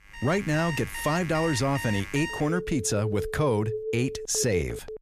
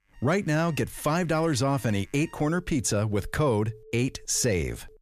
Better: second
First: alarms or sirens; loud; throughout; 8 dB below the speech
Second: alarms or sirens; faint; throughout; 25 dB below the speech

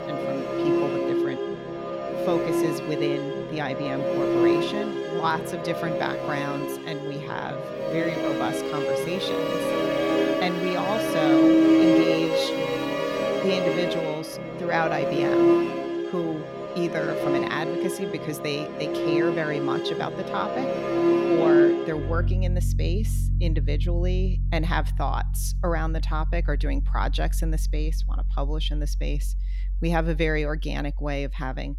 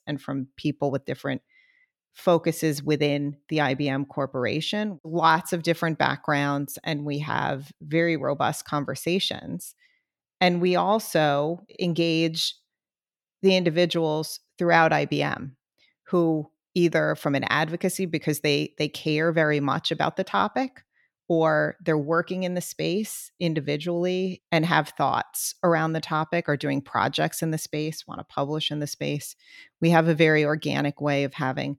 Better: second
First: background music; very loud; throughout; 5 dB above the speech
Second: none

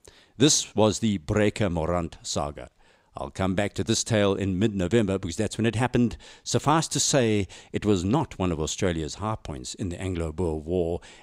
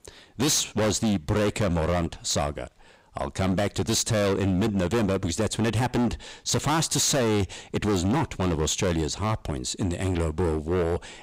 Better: first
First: none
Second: distortion; heavy; 21% of the sound clipped

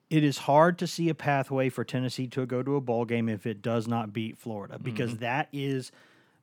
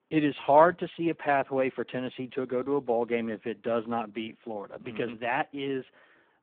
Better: first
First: none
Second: phone-call audio; poor line

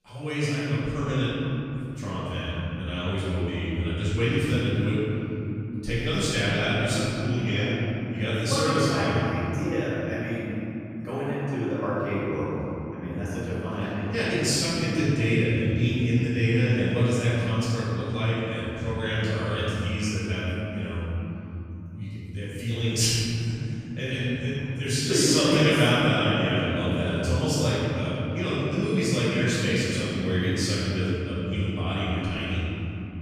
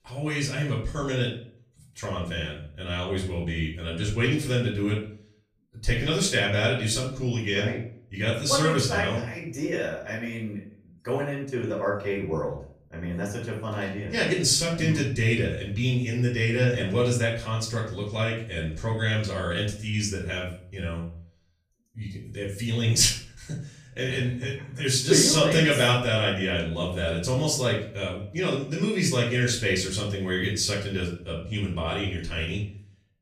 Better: second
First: room echo; strong; dies away in 3 s // off-mic speech; far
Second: room echo; slight; dies away in 0.4 s // off-mic speech; far

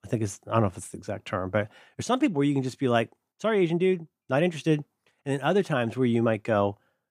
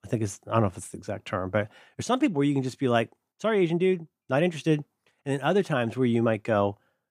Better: neither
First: none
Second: none

